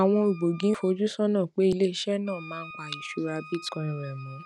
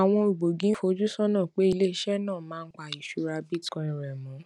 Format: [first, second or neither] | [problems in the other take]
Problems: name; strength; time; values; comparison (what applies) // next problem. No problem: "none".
second | background sound (Wind instrument, woodwind instrument); 19 dB below the speech